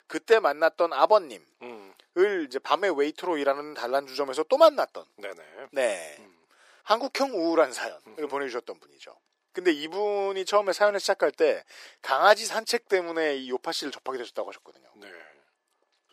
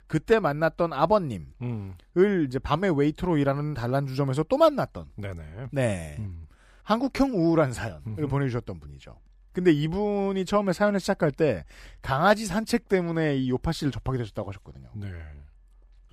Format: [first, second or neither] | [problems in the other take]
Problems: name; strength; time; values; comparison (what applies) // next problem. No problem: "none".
second | thin; very; fading below 400 Hz